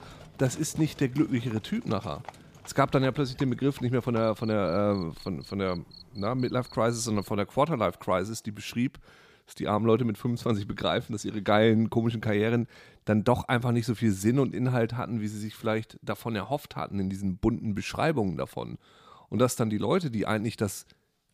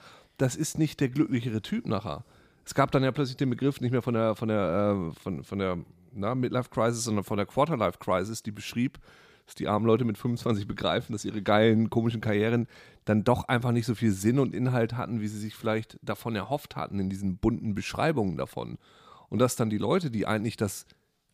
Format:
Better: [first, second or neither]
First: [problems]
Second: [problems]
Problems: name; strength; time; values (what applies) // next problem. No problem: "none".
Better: second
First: animal sounds; faint; until 8 s; 20 dB below the speech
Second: none